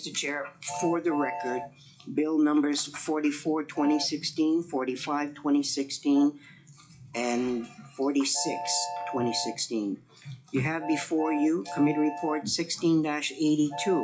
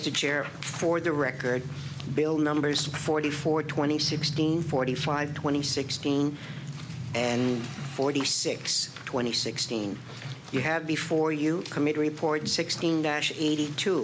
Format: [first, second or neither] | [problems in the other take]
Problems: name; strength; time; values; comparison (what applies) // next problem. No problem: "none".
second | noise reduction (classical method WPE with log-MMSE)